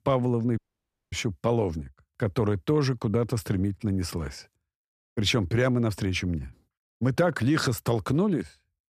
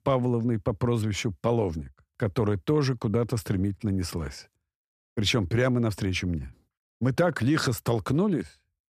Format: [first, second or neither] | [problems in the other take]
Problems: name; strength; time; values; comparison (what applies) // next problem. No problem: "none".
second | audio cutting out; at 0.5 s for 0.5 s